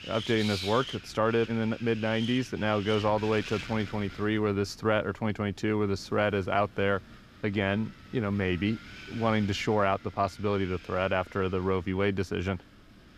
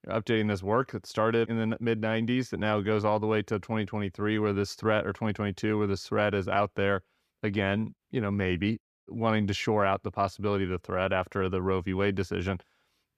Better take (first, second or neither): second